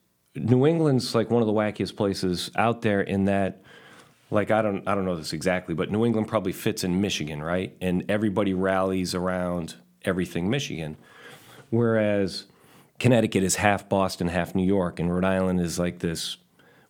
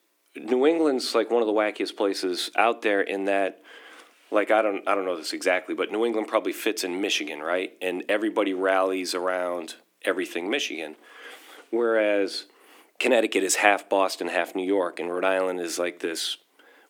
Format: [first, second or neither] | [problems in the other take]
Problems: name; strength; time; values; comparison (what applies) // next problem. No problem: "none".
first | thin; somewhat; fading below 300 Hz